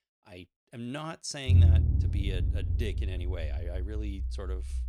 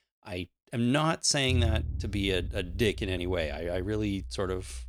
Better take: second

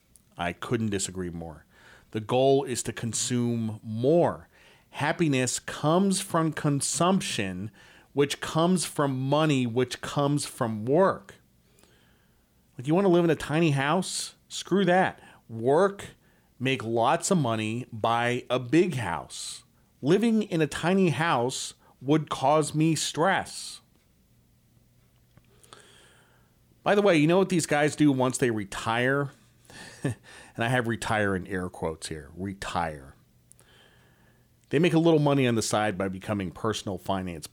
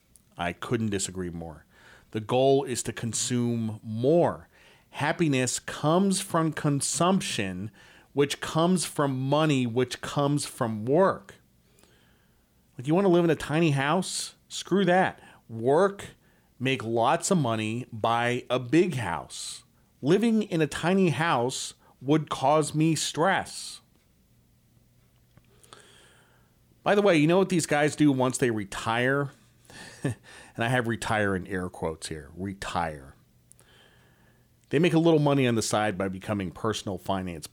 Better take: neither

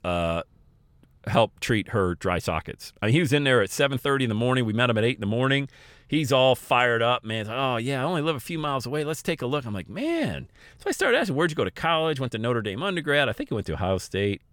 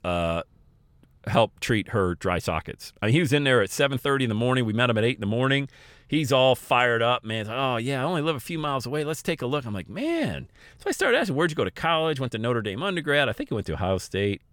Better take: neither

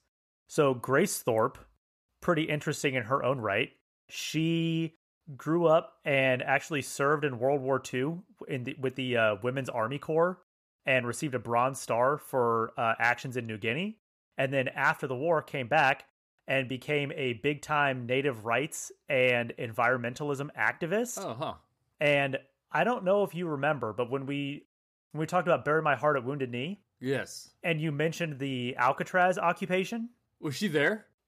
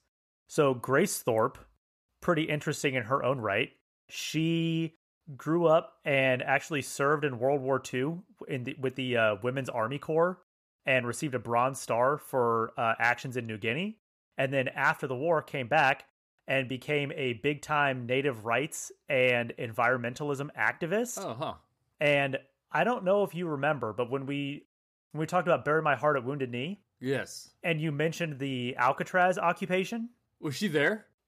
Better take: neither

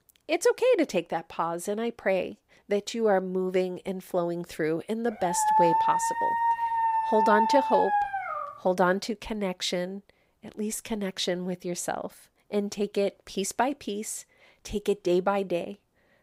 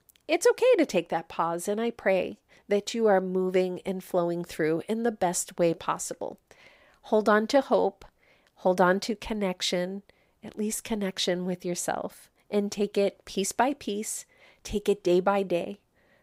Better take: second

